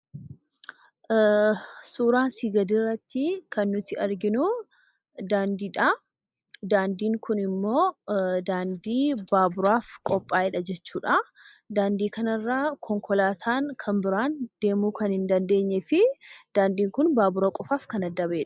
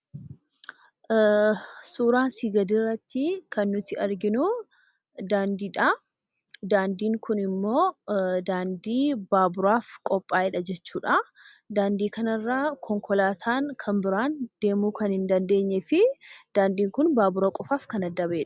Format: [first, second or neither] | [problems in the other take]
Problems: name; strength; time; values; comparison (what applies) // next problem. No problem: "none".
second | noise reduction (neural mask model Resemble Enhance denoiser)